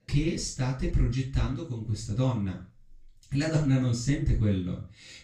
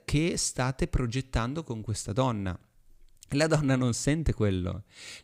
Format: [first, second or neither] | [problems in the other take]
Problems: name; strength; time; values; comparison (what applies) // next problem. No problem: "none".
second | room echo; noticeable; dies away in 0.3 s // off-mic speech; far